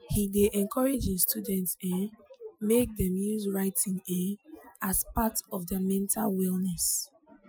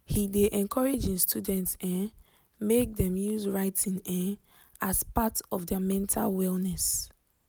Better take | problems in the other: second | noise reduction (classical method Wiener filter)

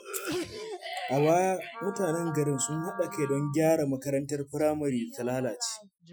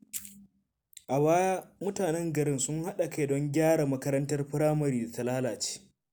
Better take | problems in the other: second | noise reduction (classical method Wiener filter)

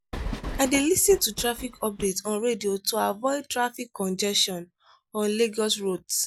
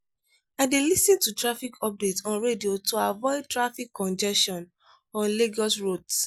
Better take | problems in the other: second | background sound (Train); 9 dB below the speech

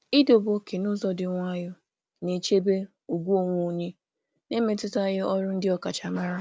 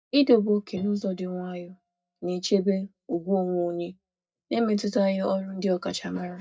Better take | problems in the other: first | noise reduction (neural mask model DeepFilterNet 3)

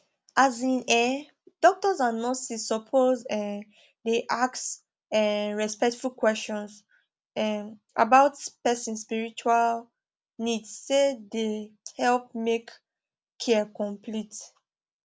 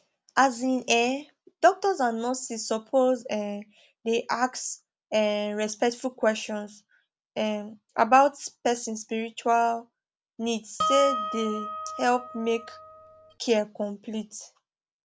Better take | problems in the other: first | background sound (Harp); 5 dB below the speech

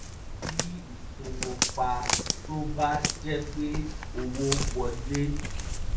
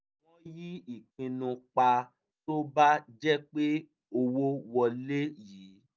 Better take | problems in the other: second | background sound (Walk, footsteps); 1 dB above the speech // room echo; dies away in 0.3 s

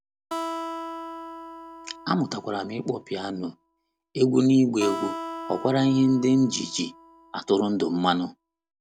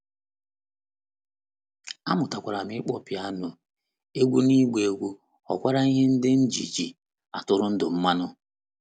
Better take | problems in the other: second | background sound (Acoustic guitar); 12 dB below the speech

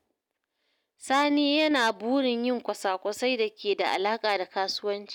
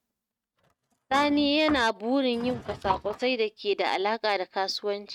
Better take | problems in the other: first | noise reduction (neural mask model RNNoise)

